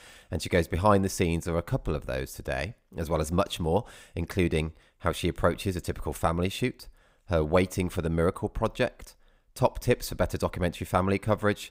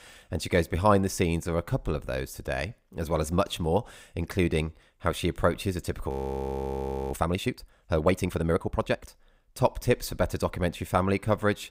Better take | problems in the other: first | audio freezing; at 6 s for 1 s

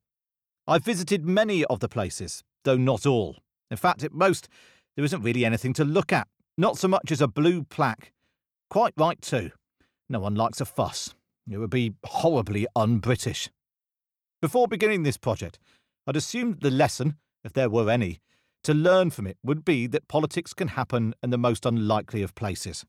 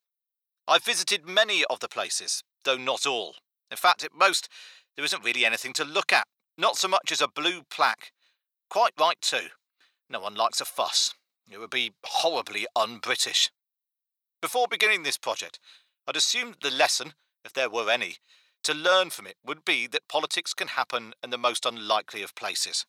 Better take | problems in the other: first | thin; very; fading below 850 Hz

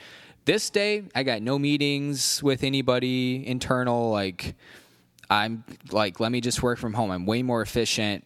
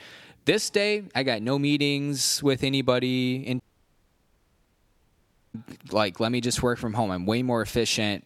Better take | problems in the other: first | audio cutting out; at 3.5 s for 2 s

